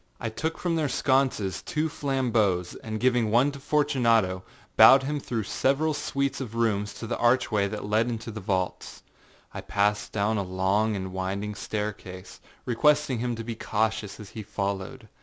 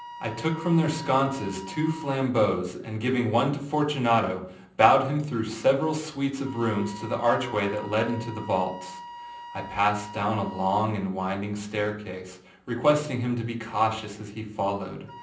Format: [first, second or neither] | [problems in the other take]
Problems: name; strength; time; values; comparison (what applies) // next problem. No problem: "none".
first | background sound (Wind instrument, woodwind instrument); 18 dB below the speech // room echo; dies away in 0.6 s